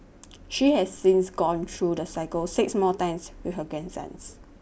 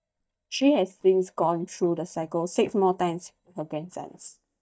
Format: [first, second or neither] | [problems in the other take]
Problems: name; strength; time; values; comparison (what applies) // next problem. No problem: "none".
first | noise reduction (neural mask model DeepFilterNet 3)